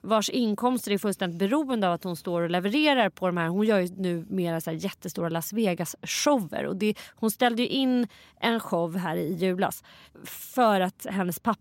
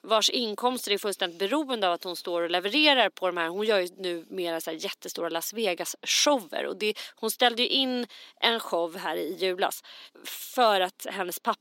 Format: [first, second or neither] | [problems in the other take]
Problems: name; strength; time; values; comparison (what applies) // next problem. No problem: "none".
first | thin; somewhat; fading below 300 Hz